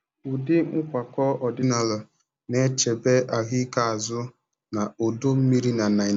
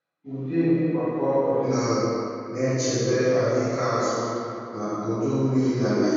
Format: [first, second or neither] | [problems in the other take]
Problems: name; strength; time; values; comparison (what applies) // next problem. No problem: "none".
first | room echo; dies away in 2.2 s